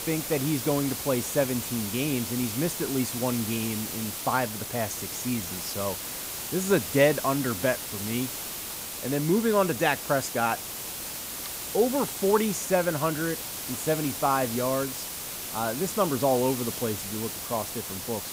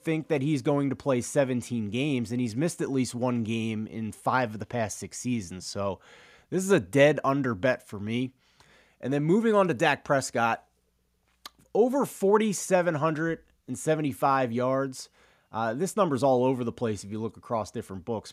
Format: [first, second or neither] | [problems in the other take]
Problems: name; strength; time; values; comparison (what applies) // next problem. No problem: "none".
second | hiss; loud; throughout; 5 dB below the speech